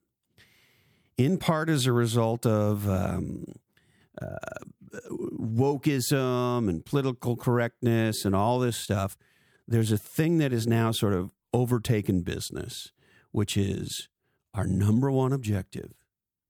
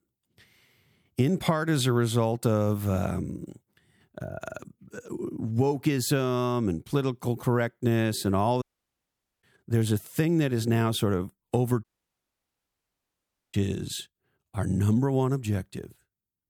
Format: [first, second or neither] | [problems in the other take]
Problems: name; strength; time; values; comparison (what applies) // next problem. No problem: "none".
first | audio cutting out; at 8.5 s for 1 s and at 12 s for 1.5 s